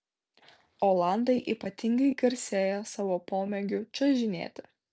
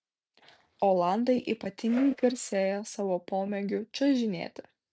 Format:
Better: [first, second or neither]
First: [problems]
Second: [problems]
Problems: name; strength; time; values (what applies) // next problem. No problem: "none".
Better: first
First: none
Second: noise reduction (neural mask model RNNoise)